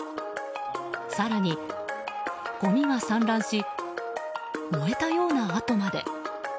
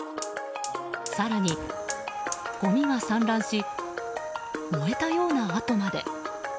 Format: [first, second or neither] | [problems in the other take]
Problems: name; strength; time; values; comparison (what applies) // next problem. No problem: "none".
first | background sound (Fire); 16 dB below the speech